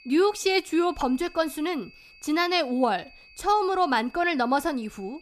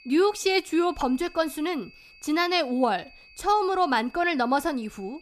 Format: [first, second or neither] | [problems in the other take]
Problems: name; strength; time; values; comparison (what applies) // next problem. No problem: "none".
neither | high-pitched whine; faint; throughout; 2.5 kHz, 25 dB below the speech; the same in both